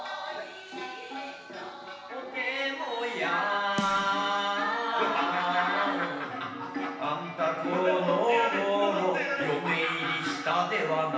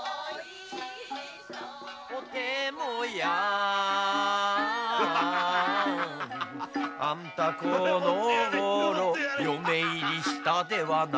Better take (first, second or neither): second